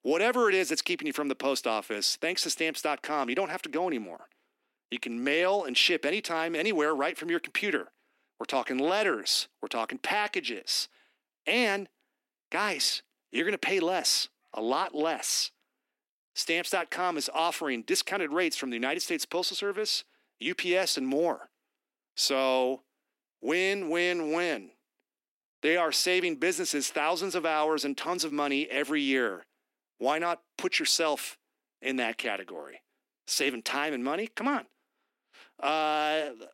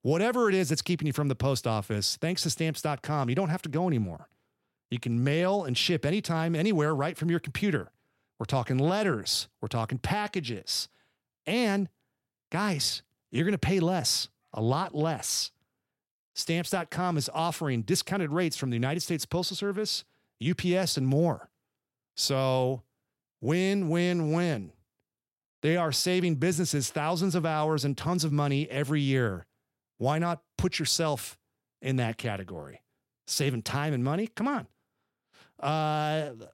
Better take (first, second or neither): second